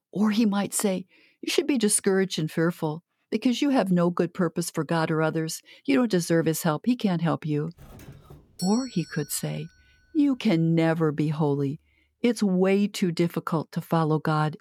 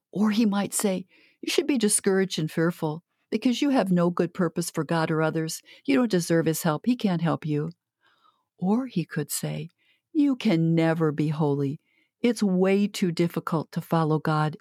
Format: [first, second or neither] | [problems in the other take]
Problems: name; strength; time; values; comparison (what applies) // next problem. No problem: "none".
second | doorbell; faint; from 8 to 9.5 s; peak 10 dB below the speech